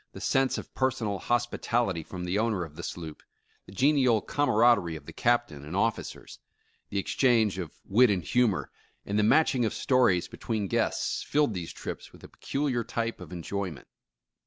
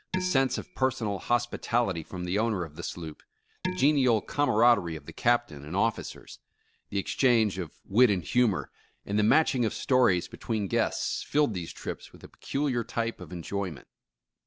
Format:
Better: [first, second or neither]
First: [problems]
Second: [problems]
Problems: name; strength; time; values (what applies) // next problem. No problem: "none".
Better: first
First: none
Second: background sound (Dishes, pots, and pans); 12 dB below the speech